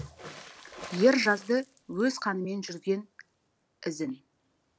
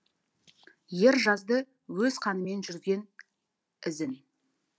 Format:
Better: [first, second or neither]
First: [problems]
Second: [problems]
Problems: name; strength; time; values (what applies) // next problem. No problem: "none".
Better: second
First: background sound (Water / Splash, splatter); 19 dB below the speech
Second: none